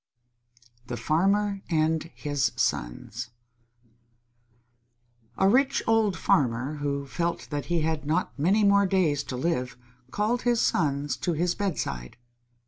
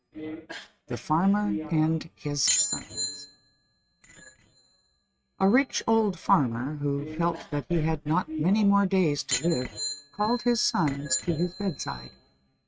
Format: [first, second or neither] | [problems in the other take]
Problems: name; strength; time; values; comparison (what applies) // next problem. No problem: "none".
first | noise reduction (neural mask model RNNoise)